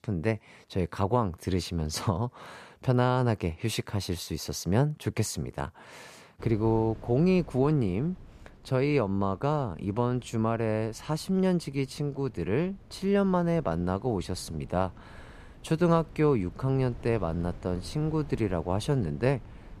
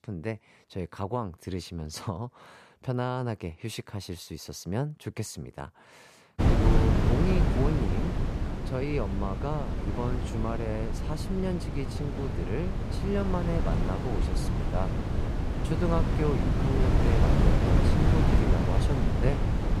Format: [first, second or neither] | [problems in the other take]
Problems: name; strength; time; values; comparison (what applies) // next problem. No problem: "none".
first | wind noise on the microphone; heavy; from 6.5 s on; 1 dB above the speech; occasional gusts in the first